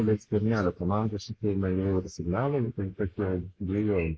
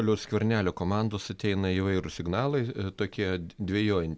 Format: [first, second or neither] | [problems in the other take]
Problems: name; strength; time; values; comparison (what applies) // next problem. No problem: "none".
second | noise reduction (neural mask model Resemble Enhance denoiser)